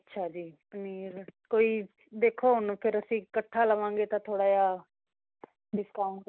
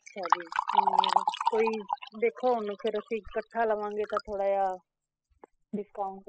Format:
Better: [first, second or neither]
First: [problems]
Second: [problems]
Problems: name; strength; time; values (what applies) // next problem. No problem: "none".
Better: first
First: none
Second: noise reduction (classical method spectral subtraction)